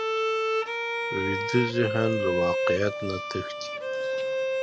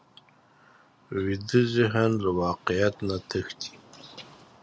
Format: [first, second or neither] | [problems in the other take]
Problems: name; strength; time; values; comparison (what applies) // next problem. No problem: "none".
second | background sound (Bowed string instrument); 2 dB above the speech